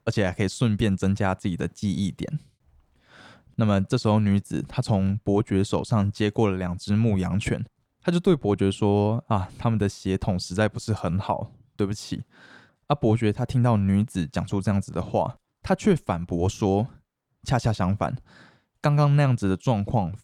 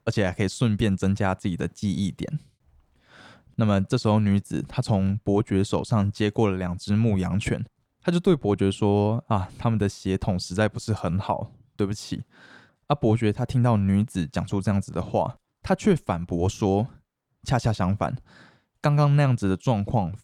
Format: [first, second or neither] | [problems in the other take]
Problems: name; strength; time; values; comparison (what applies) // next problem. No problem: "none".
neither | none